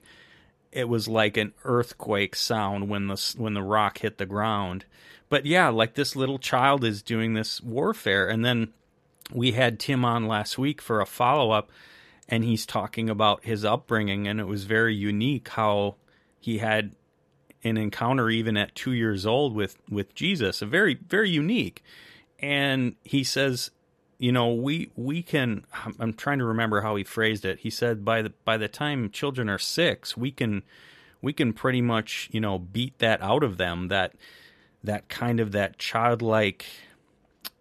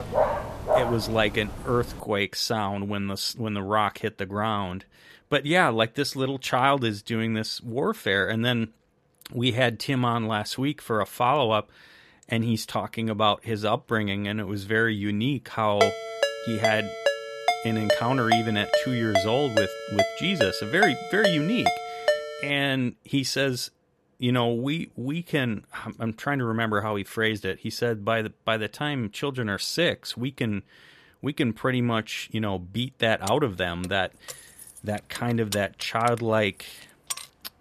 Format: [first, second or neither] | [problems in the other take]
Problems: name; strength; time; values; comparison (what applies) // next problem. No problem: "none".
first | dog barking; loud; until 2 s; peak 1 dB above the speech // phone ringing; loud; from 16 to 22 s; peak 2 dB above the speech // jangling keys; noticeable; from 33 s on; peak 8 dB below the speech